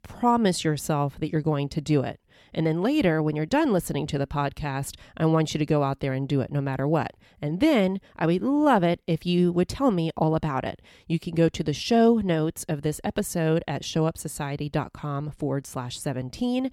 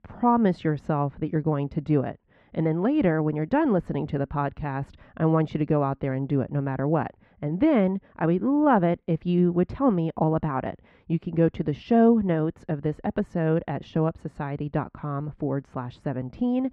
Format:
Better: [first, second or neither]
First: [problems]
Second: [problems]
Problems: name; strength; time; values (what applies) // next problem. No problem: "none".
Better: first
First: none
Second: muffled; very; fading above 1.5 kHz